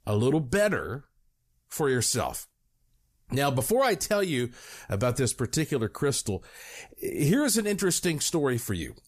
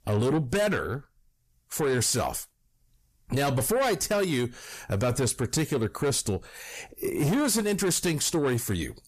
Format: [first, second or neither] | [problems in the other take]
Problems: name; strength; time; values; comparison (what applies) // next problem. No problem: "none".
first | distortion; slight; 10 dB below the speech